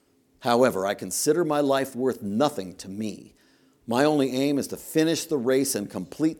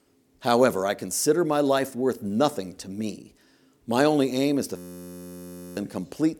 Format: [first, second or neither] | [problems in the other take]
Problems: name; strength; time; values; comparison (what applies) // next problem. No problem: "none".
first | audio freezing; at 5 s for 1 s